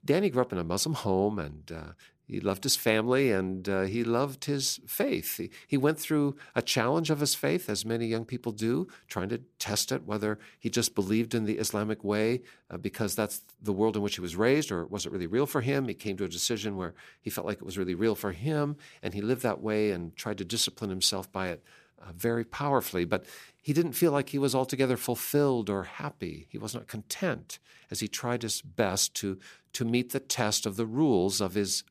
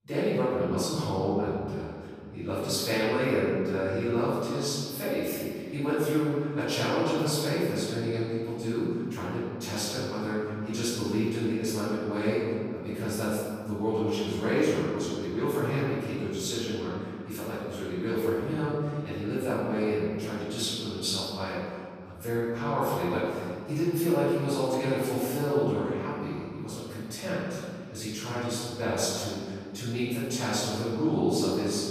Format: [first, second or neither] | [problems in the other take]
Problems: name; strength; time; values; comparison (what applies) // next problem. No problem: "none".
first | room echo; strong; dies away in 2 s // off-mic speech; far